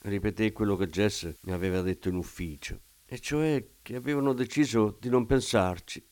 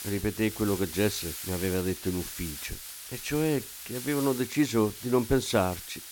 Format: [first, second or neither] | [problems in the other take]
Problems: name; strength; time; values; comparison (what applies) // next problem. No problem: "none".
first | hiss; loud; throughout; 9 dB below the speech; faint in the first